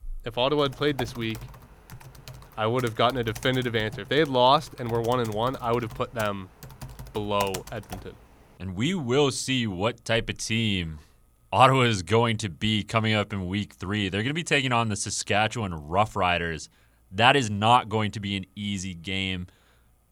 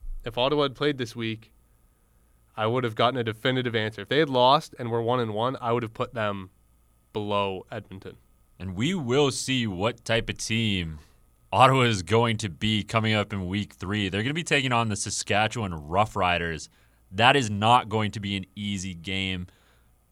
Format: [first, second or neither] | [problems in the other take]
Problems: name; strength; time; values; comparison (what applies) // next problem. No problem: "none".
second | keyboard typing; faint; from 0.5 to 8 s; peak 10 dB below the speech